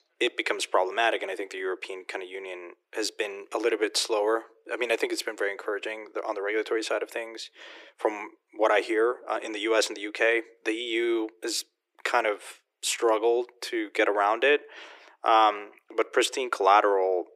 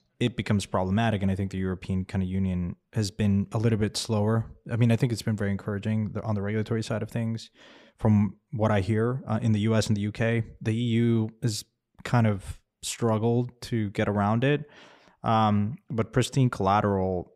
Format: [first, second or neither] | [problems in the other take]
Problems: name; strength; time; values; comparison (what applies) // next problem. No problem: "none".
second | thin; very; fading below 300 Hz